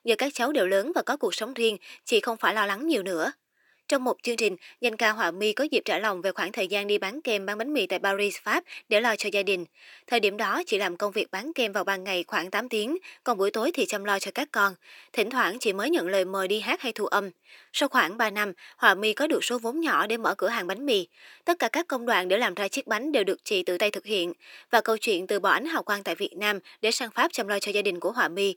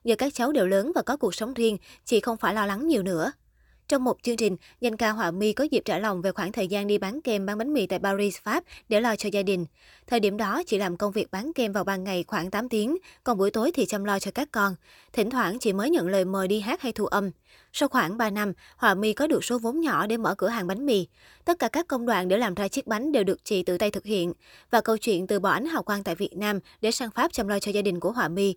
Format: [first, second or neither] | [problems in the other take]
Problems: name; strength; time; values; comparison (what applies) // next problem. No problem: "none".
second | thin; very slightly; fading below 300 Hz